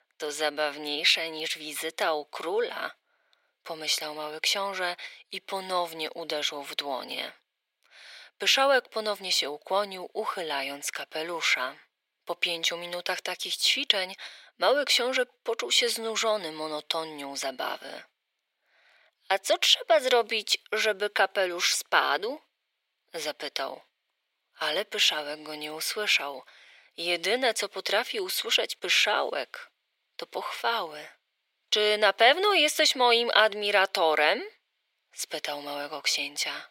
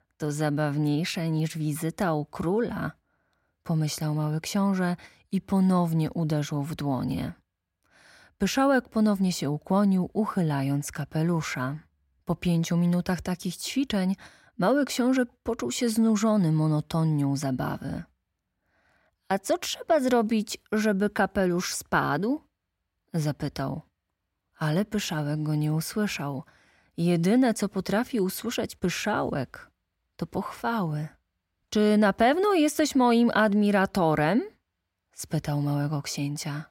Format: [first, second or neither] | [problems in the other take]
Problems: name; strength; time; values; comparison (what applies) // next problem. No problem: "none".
second | thin; very; fading below 450 Hz